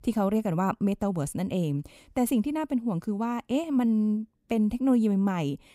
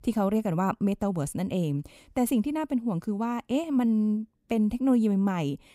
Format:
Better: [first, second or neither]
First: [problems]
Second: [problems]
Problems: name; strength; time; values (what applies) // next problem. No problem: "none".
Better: neither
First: none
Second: none